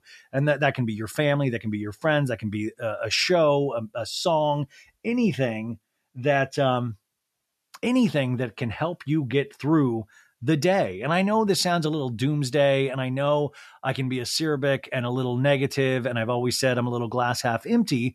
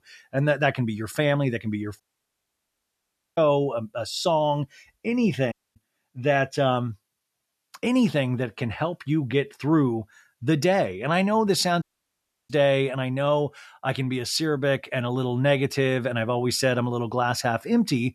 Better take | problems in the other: first | audio cutting out; at 2 s for 1.5 s, at 5.5 s and at 12 s for 0.5 s

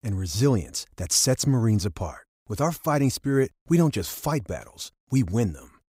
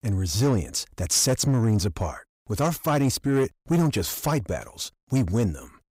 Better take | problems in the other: first | distortion; slight; 10 dB below the speech

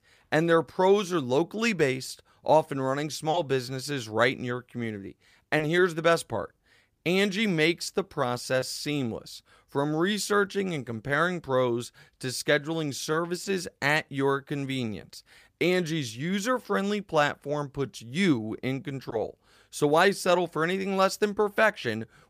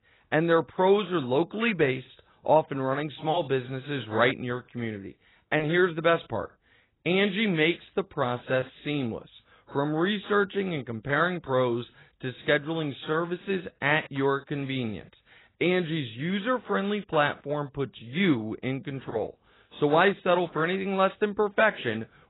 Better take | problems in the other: first | garbled, watery; badly; nothing above 4 kHz

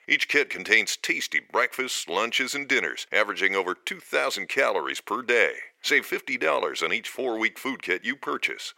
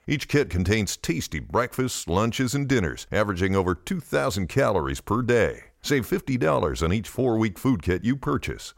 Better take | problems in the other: second | thin; very; fading below 350 Hz

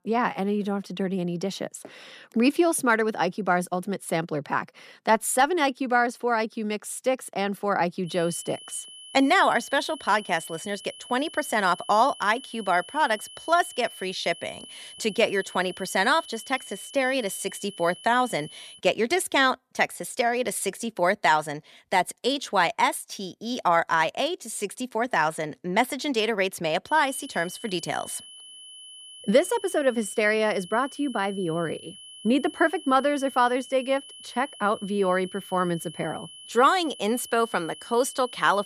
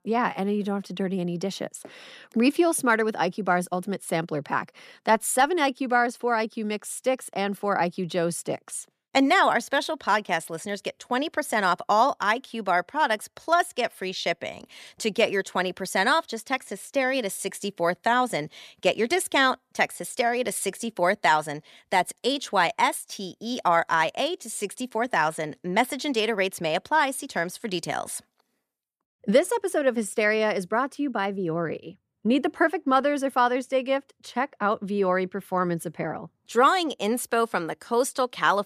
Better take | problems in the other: second | high-pitched whine; noticeable; from 8 to 19 s and from 27 s on; 3 kHz, 15 dB below the speech

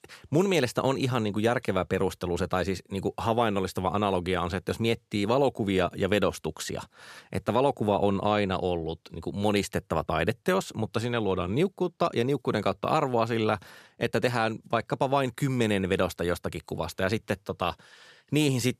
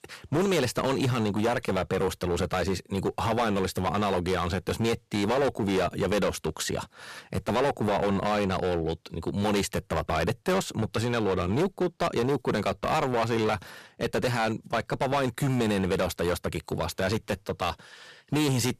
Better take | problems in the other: first | distortion; heavy; 13% of the sound clipped

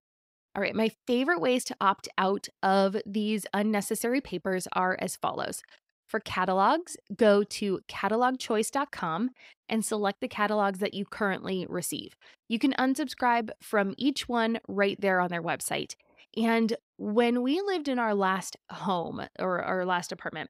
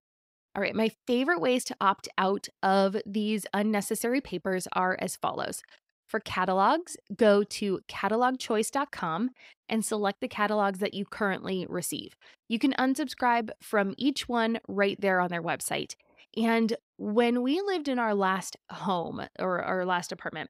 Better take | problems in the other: neither | none

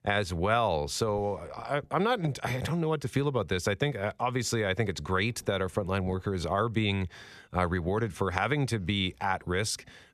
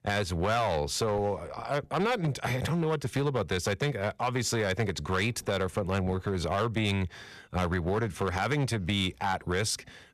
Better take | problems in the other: first | distortion; slight; 8% of the sound clipped

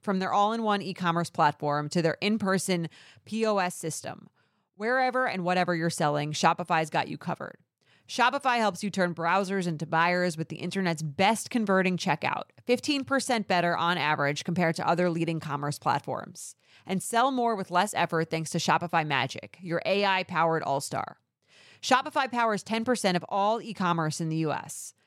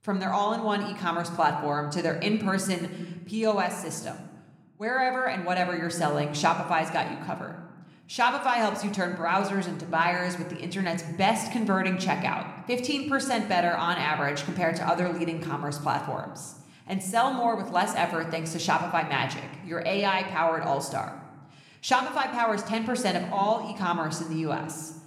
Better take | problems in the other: first | room echo; slight; dies away in 1 s

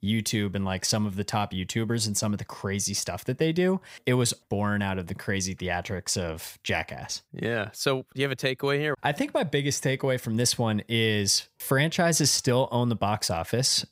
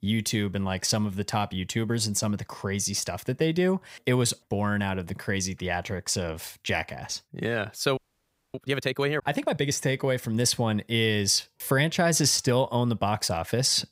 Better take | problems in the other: first | audio freezing; at 8 s for 0.5 s

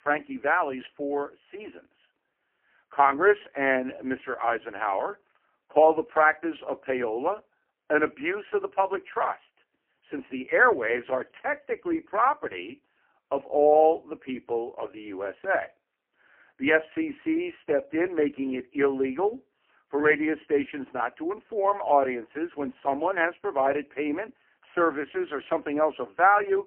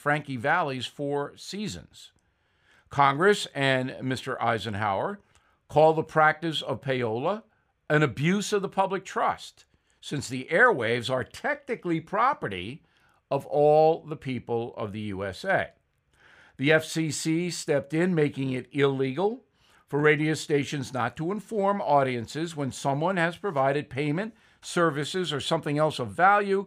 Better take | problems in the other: second | phone-call audio; poor line

